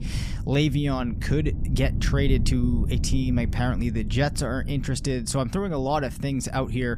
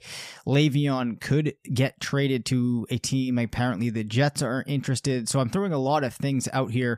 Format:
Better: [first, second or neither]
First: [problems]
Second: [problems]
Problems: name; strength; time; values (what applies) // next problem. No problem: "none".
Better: second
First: wind noise on the microphone; occasional gusts; 15 dB below the speech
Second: none